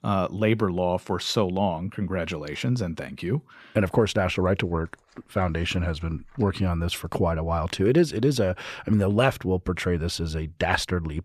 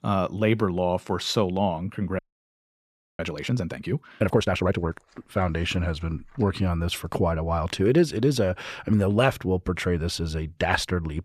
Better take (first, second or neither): first